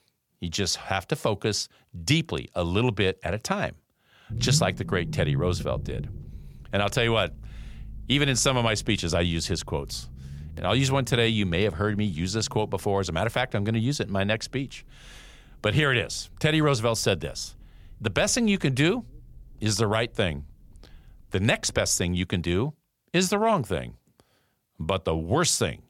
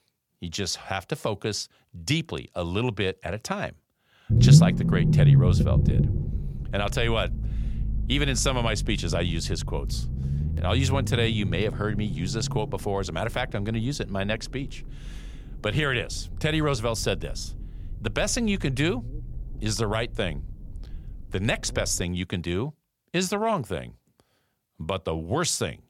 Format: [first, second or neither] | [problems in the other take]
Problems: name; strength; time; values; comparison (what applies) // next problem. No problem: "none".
first | low rumble; loud; from 4.5 to 22 s; 6 dB below the speech; faint in the first